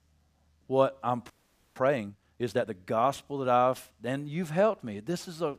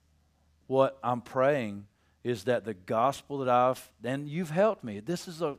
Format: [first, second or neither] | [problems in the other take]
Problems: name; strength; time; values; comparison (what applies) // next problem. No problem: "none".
second | audio freezing; at 1.5 s